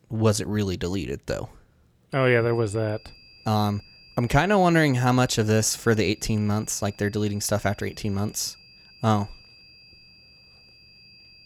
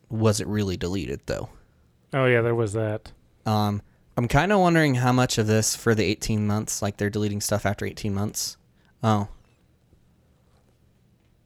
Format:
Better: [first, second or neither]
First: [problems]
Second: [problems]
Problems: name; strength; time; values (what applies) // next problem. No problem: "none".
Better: second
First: high-pitched whine; faint; from 2 s on; 5 kHz, 25 dB below the speech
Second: none